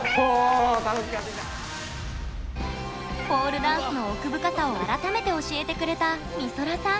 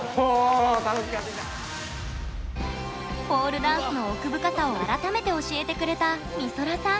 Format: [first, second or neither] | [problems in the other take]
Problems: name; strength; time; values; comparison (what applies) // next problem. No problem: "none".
second | background sound (Meow); 10 dB below the speech